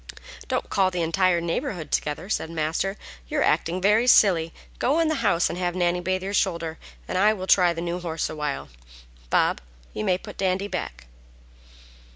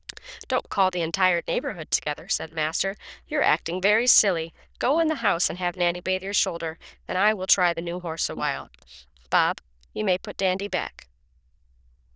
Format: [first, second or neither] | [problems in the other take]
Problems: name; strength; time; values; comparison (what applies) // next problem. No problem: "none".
first | noise reduction (neural diffusion model UNIVERSE++)